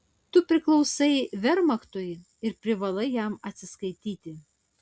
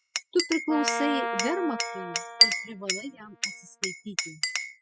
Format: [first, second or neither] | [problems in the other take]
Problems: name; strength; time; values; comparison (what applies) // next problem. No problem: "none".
first | noise reduction (classical method spectral subtraction)